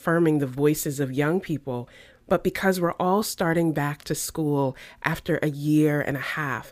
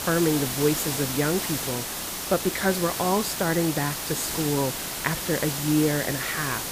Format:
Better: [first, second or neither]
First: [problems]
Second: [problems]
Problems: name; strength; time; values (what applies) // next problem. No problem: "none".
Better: first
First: none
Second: hiss; loud; throughout; 2 dB below the speech